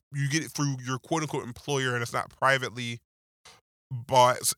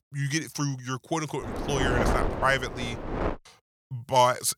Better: first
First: none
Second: wind noise on the microphone; heavy; from 1.5 to 3.5 s; 5 dB below the speech

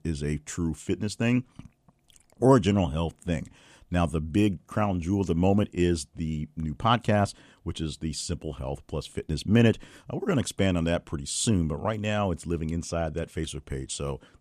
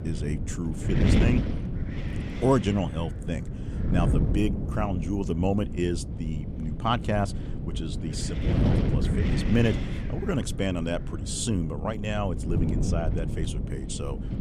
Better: first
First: none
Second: wind noise on the microphone; heavy; 6 dB below the speech

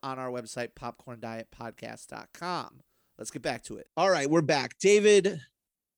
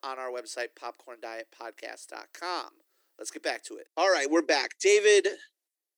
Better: first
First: none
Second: thin; very; fading below 300 Hz

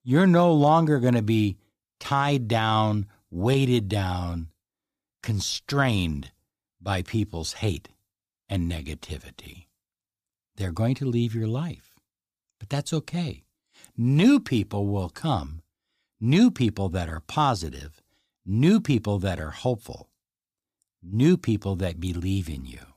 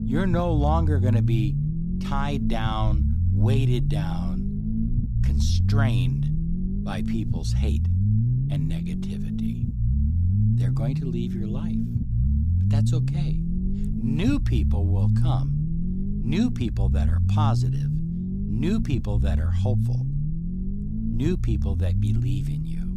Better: first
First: none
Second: low rumble; loud; throughout; 3 dB below the speech

